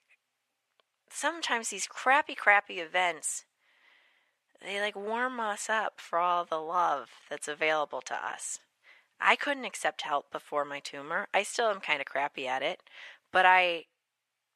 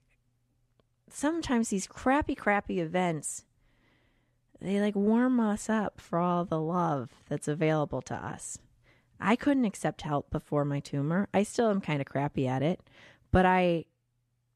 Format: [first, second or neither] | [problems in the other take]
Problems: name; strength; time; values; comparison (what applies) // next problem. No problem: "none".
second | thin; very; fading below 800 Hz